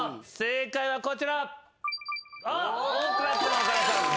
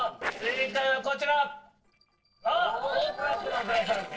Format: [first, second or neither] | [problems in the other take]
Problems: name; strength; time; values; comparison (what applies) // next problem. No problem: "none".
first | noise reduction (neural separator model SepFormer DNS4)